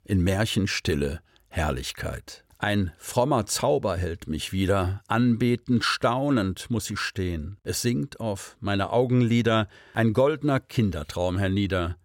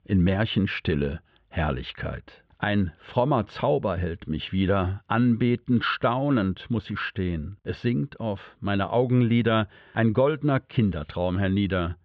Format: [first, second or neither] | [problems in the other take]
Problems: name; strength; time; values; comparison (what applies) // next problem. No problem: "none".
first | muffled; very; fading above 3.5 kHz